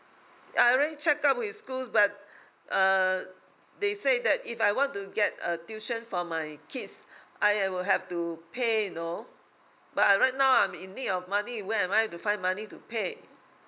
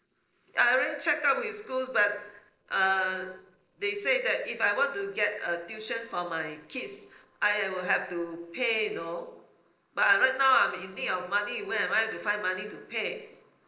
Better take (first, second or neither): first